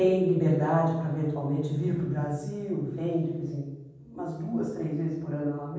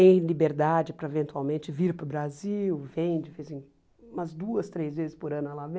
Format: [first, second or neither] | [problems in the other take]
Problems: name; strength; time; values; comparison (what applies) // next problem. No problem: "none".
second | room echo; dies away in 1.2 s